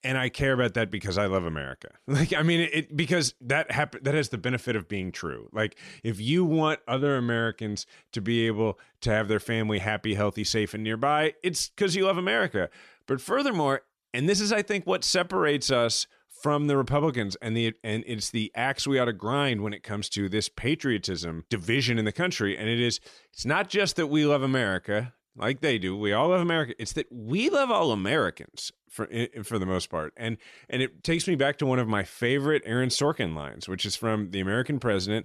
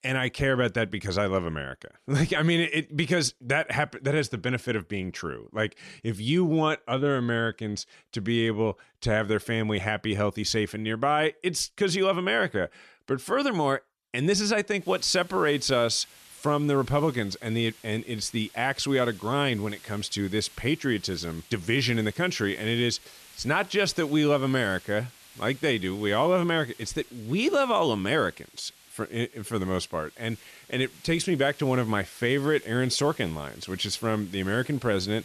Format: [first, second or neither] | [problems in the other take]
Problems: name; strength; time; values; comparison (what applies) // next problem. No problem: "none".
first | hiss; faint; from 15 s on; 25 dB below the speech